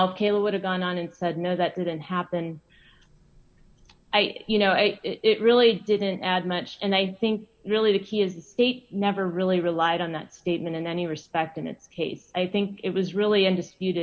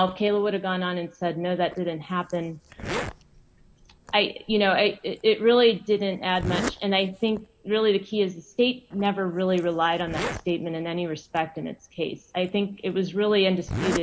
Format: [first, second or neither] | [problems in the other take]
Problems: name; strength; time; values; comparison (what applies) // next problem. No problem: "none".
first | background sound (Zipper (clothing)); 13 dB below the speech